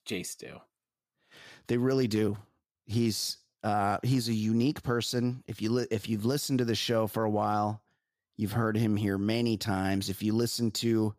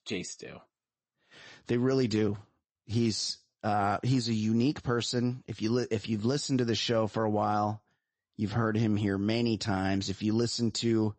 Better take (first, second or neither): first